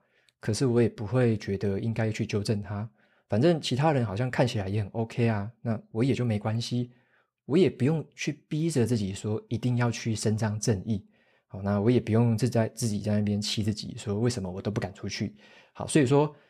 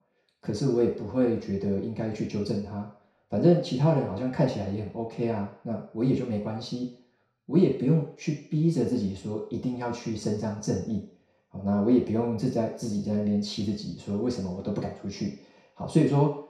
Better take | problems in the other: first | room echo; noticeable; dies away in 0.6 s // off-mic speech; far

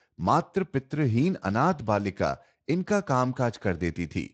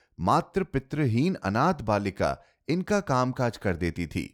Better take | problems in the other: second | garbled, watery; slightly; nothing above 7.5 kHz

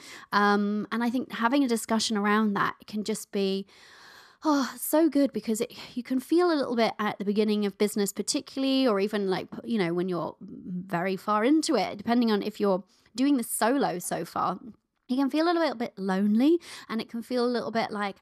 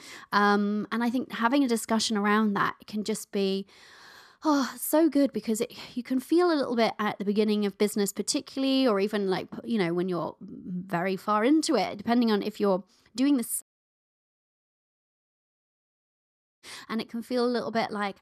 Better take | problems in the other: first | audio cutting out; at 14 s for 3 s

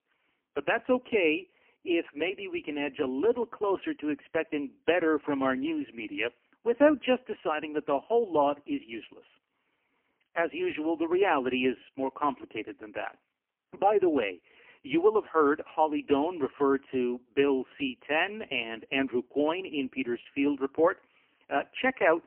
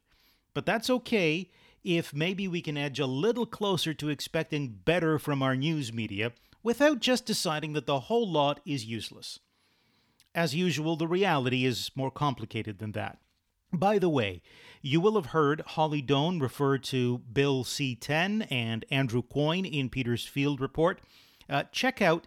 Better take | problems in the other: second | phone-call audio; poor line; nothing above 3 kHz

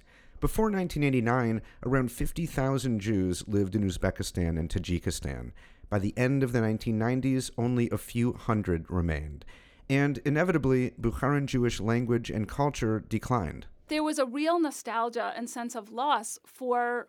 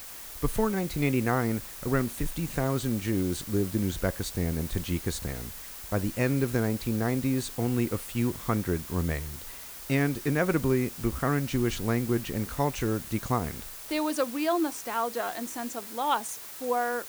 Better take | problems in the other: first | hiss; loud; throughout; 10 dB below the speech

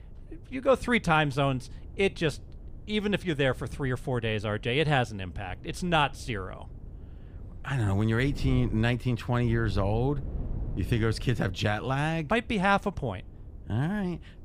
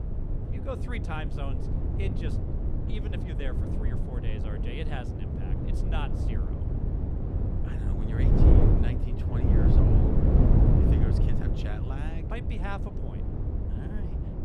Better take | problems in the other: first | wind noise on the microphone; heavy; 4 dB above the speech; occasional gusts in the first

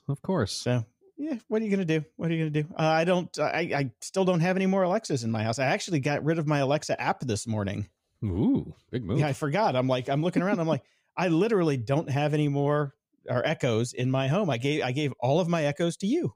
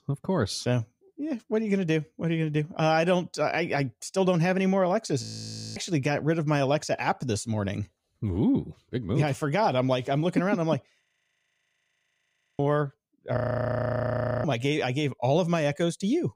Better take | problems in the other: first | audio freezing; at 5 s for 0.5 s, at 11 s for 1.5 s and at 13 s for 1 s

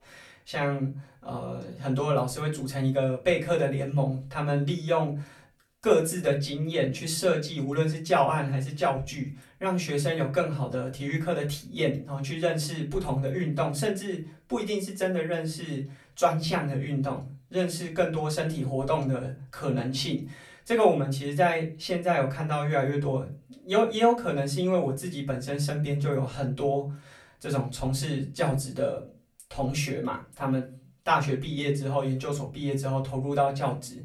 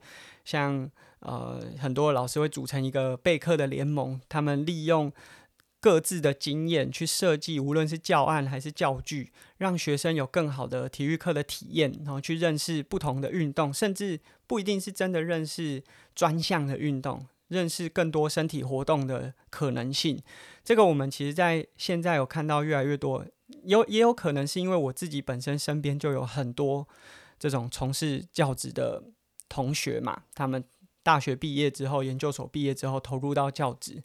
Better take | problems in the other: second | off-mic speech; far // room echo; very slight; dies away in 0.3 s

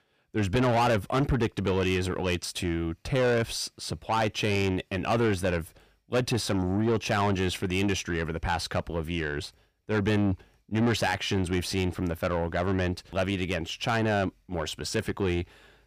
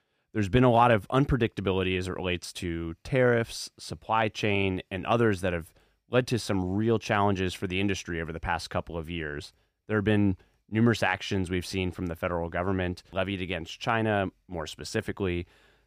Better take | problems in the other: second | distortion; heavy; 8 dB below the speech

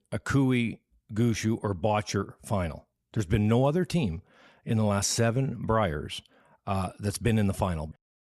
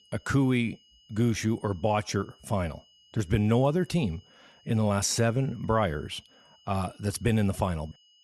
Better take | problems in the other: first | high-pitched whine; faint; throughout; 3 kHz, 30 dB below the speech

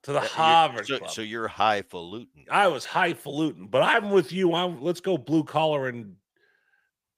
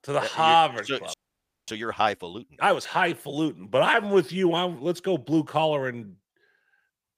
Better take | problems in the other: first | audio freezing; at 1 s for 0.5 s

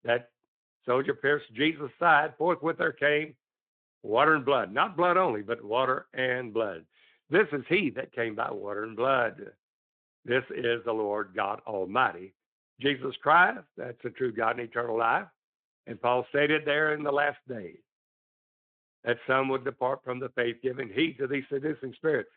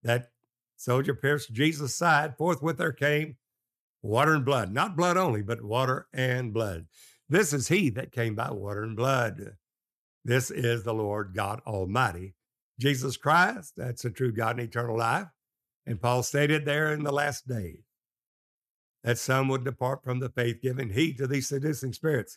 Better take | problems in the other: second | phone-call audio

